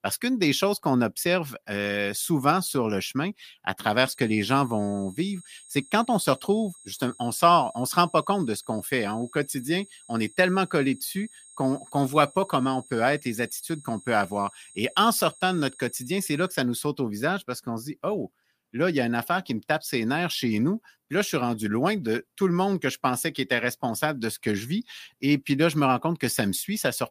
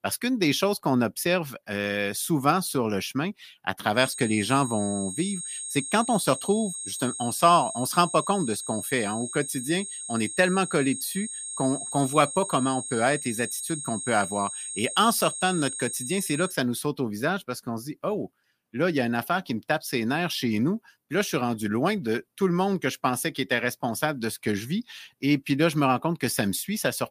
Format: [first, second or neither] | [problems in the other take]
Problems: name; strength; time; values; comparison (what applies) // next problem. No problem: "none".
first | high-pitched whine; loud; from 4 to 17 s; 8.5 kHz, 7 dB below the speech; faint in the first